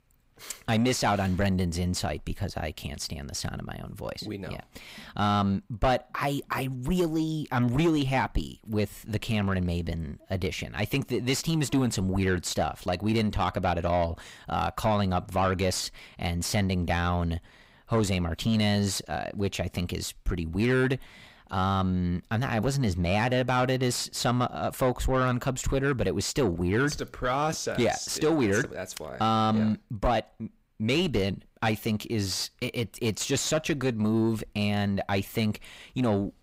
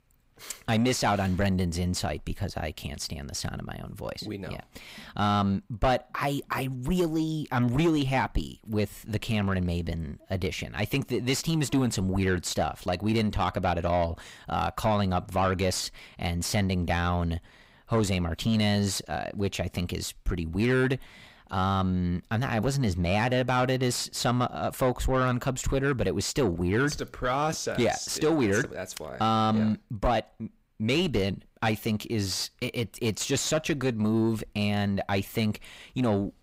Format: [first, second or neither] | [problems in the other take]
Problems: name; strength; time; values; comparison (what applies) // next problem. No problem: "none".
neither | distortion; slight; 10 dB below the speech; the same in both